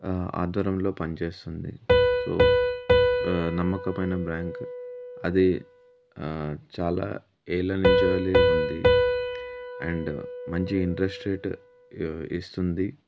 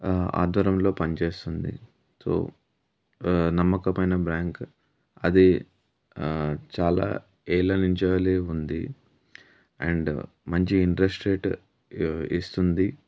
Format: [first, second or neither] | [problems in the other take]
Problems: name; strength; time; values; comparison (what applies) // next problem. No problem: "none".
second | background sound (Piano); 2 dB above the speech